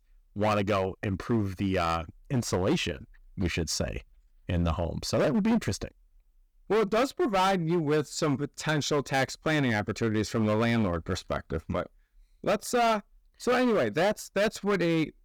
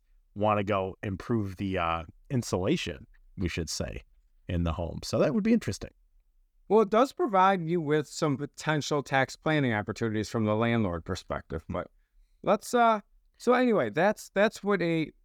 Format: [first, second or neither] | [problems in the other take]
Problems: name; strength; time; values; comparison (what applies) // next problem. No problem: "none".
second | distortion; heavy; 10% of the sound clipped